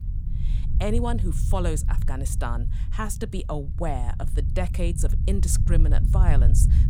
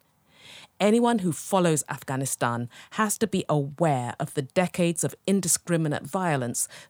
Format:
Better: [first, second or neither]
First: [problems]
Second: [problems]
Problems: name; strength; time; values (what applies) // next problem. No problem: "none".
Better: second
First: low rumble; loud; throughout; 10 dB below the speech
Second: none